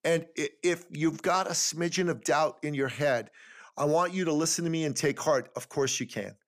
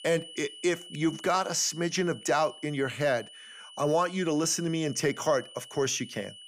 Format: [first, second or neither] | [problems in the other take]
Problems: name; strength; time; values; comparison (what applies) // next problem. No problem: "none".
first | high-pitched whine; noticeable; throughout; 3 kHz, 15 dB below the speech